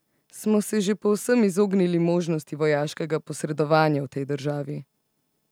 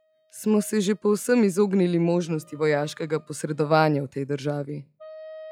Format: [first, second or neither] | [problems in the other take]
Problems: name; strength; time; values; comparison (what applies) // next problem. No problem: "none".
first | noise reduction (classical method log-MMSE)